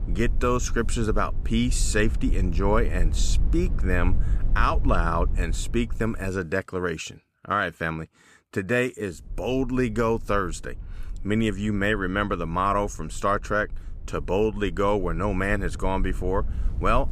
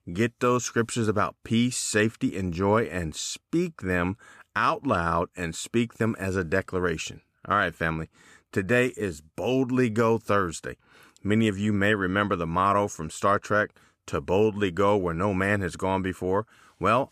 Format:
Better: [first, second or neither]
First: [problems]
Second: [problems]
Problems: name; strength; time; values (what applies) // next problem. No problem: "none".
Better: second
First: low rumble; faint; until 6.5 s and from 9 s on; 20 dB below the speech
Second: none